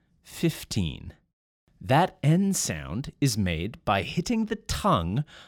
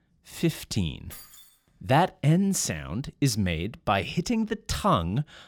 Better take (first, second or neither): first